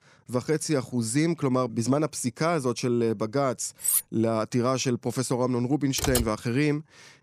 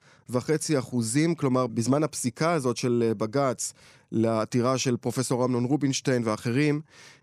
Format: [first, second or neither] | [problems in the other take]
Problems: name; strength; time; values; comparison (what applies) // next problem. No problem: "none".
second | clattering dishes; loud; at 4 s; peak 3 dB above the speech // keyboard typing; noticeable; at 6 s; peak 2 dB below the speech